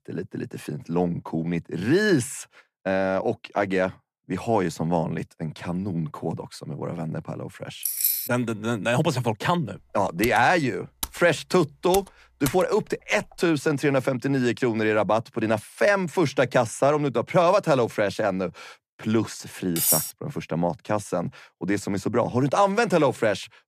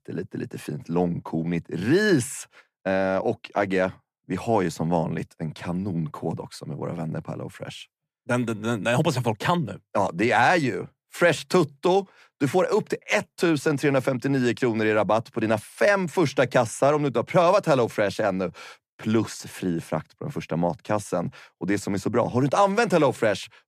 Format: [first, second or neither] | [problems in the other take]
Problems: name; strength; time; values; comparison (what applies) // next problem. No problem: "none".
second | jangling keys; loud; at 8 s; peak 3 dB above the speech // keyboard typing; noticeable; from 10 to 13 s; peak 9 dB below the speech // clattering dishes; loud; at 20 s; peak 4 dB above the speech